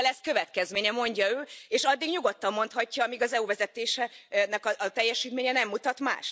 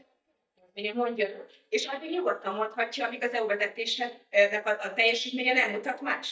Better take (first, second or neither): first